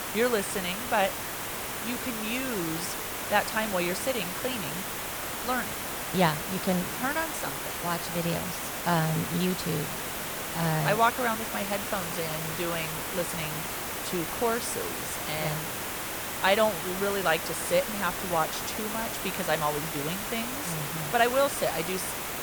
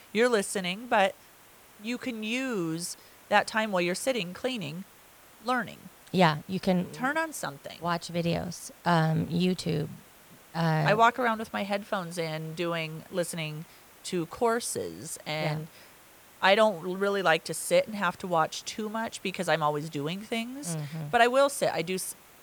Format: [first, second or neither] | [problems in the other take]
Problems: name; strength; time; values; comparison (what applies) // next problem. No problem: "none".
second | hiss; loud; throughout; 2 dB below the speech; faint in the second